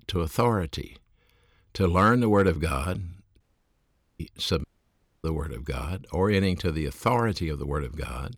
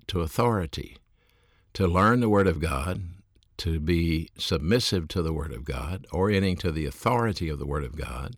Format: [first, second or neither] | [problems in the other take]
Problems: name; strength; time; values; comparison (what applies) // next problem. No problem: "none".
second | audio cutting out; at 3.5 s for 1 s and at 4.5 s for 0.5 s